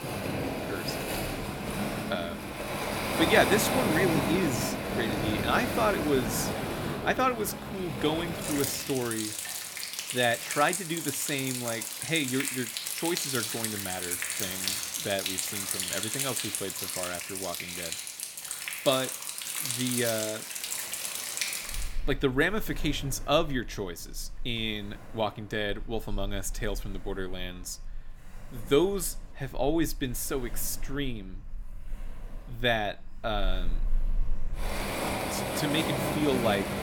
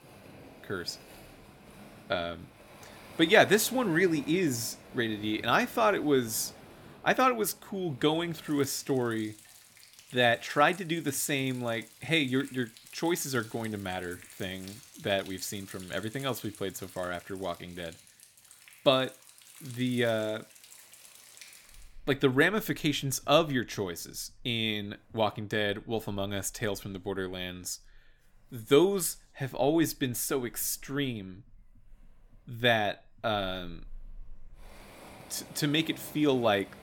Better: second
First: rain or running water; loud; throughout; 1 dB below the speech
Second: rain or running water; faint; throughout; 20 dB below the speech

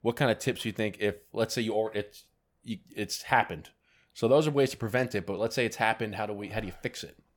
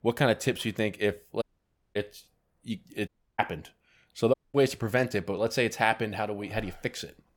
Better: first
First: none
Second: audio cutting out; at 1.5 s for 0.5 s, at 3 s and at 4.5 s

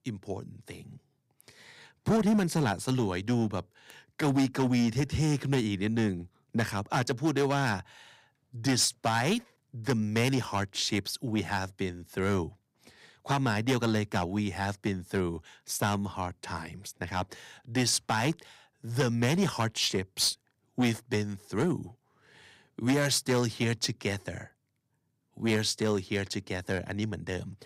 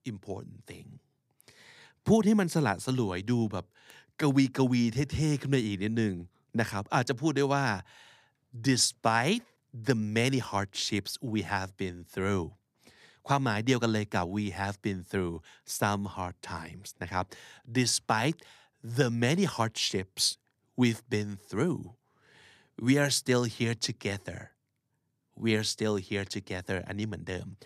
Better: second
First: distortion; slight; 4% of the sound clipped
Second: none

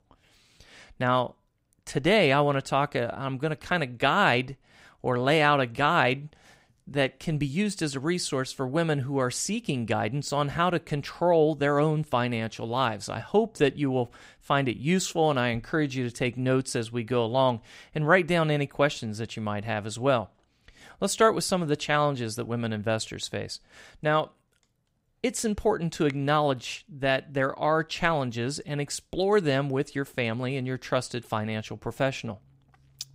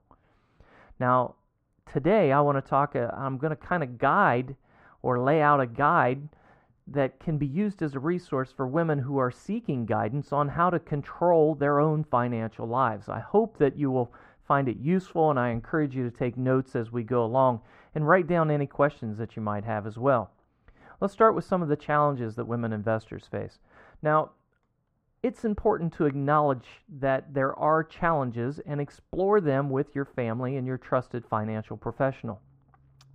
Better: first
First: none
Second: muffled; very; fading above 2.5 kHz

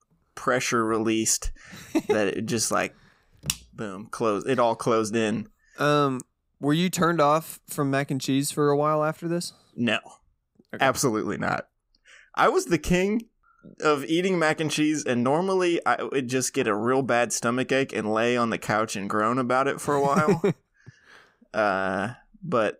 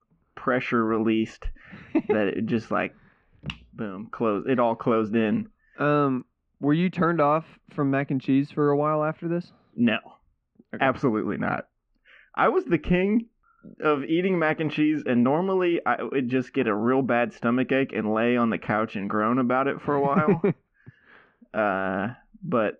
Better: first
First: none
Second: muffled; very; fading above 2.5 kHz

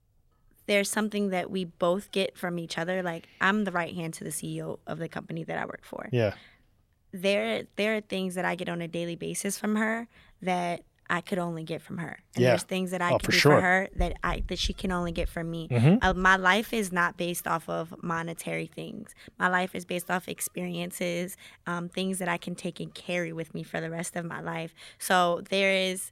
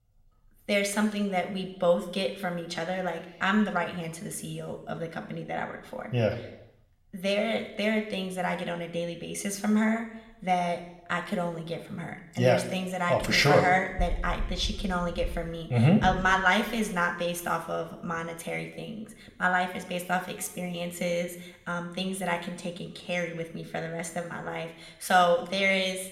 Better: first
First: none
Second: room echo; slight; dies away in 0.8 s

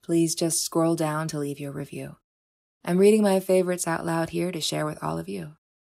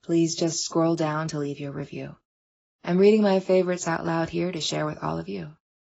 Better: first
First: none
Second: garbled, watery; badly; nothing above 7.5 kHz

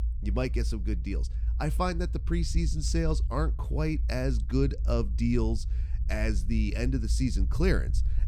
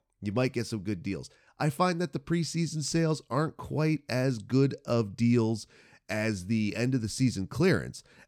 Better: second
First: low rumble; noticeable; throughout; 15 dB below the speech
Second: none

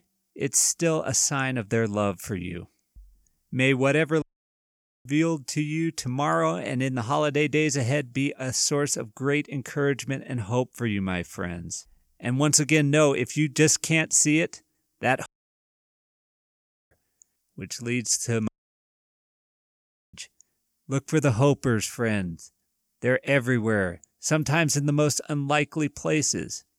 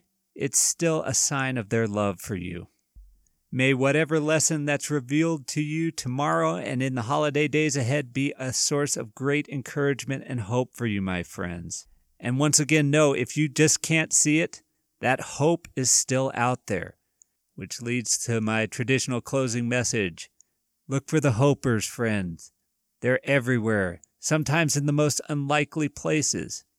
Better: second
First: audio cutting out; at 4 s for 1 s, at 15 s for 1.5 s and at 18 s for 1.5 s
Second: none

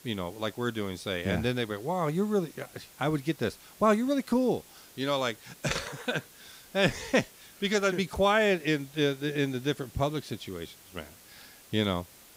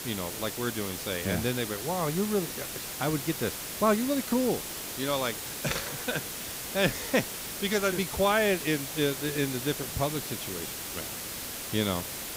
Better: first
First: hiss; faint; throughout; 20 dB below the speech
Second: hiss; loud; throughout; 5 dB below the speech

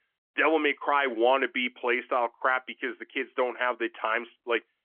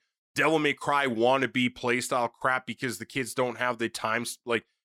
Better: second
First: phone-call audio; nothing above 3.5 kHz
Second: none

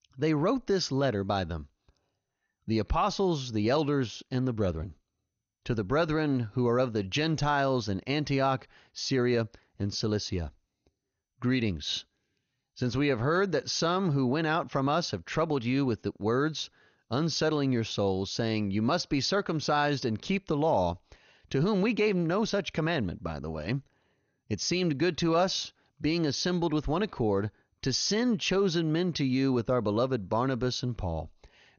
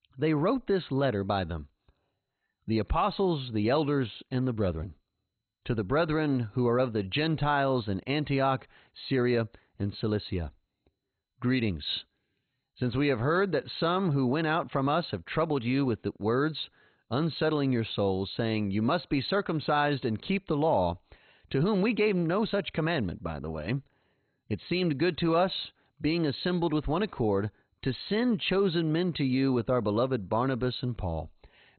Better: first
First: garbled, watery; slightly; nothing above 6.5 kHz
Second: garbled, watery; badly; nothing above 4 kHz

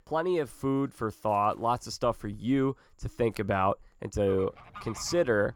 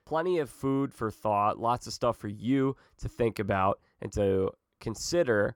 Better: second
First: animal sounds; faint; throughout; 20 dB below the speech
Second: none

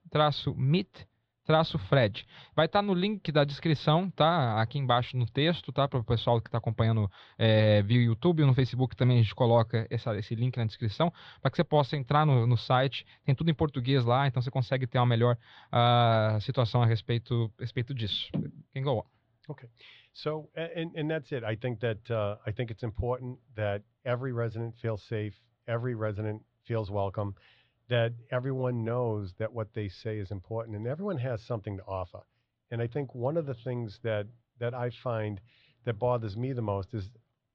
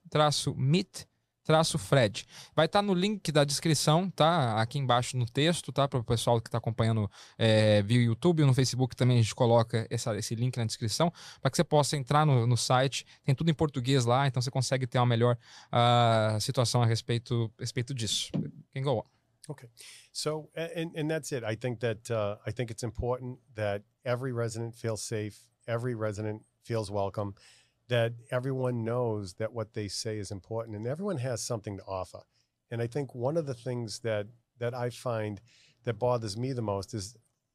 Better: second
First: muffled; slightly; fading above 3.5 kHz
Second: none

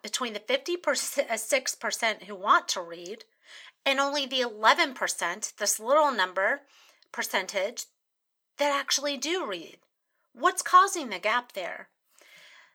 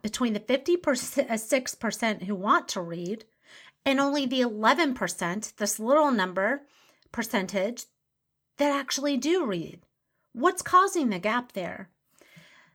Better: second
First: thin; somewhat; fading below 550 Hz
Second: none

